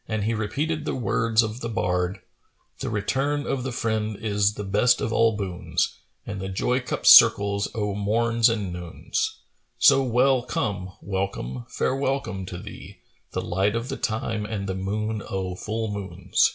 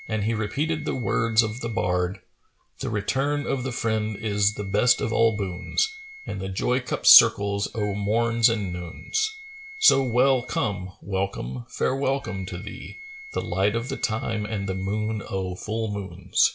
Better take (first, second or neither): first